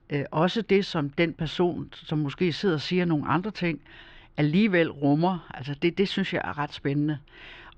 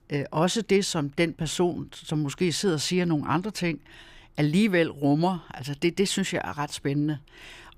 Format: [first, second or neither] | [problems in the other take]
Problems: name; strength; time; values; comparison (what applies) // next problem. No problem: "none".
second | muffled; slightly; fading above 4 kHz